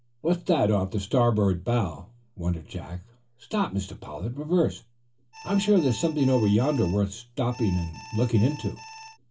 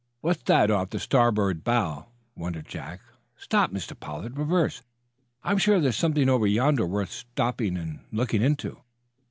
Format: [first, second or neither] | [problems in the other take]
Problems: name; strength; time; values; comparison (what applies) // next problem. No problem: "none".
second | background sound (Alarm); 18 dB below the speech // room echo; dies away in 0.2 s